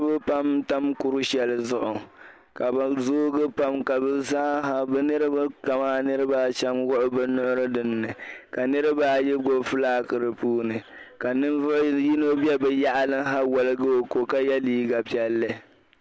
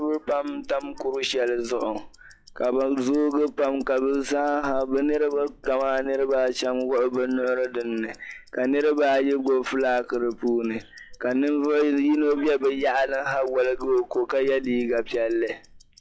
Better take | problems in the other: first | noise reduction (classical method log-MMSE)

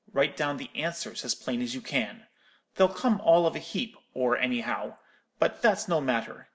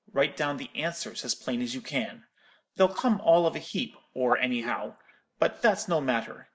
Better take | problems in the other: first | noise reduction (neural mask model Resemble Enhance denoiser)

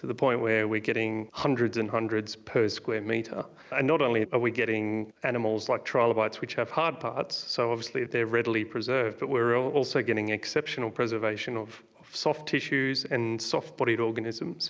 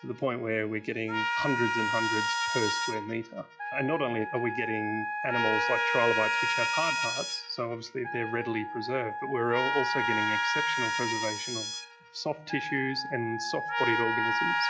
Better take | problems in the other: first | noise reduction (classical method log-MMSE)

